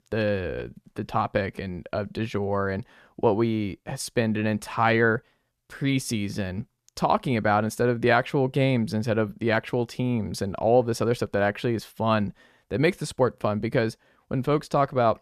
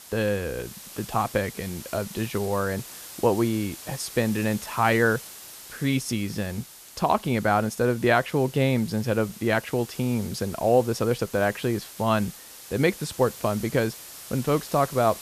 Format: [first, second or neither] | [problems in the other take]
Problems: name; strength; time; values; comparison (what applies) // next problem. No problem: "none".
first | hiss; noticeable; throughout; 15 dB below the speech